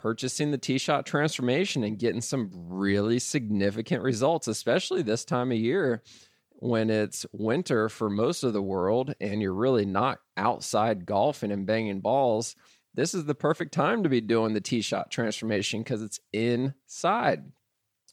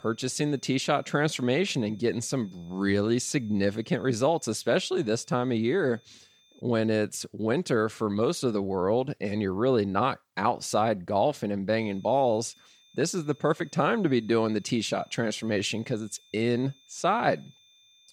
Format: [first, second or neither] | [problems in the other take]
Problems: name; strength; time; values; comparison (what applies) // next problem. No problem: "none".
first | high-pitched whine; faint; until 6.5 s and from 12 s on; 3.5 kHz, 30 dB below the speech